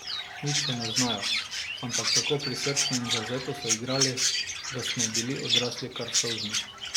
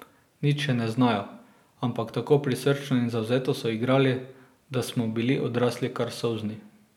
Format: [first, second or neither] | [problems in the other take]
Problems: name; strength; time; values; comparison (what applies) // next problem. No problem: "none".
second | background sound (Chirp, tweet); 4 dB above the speech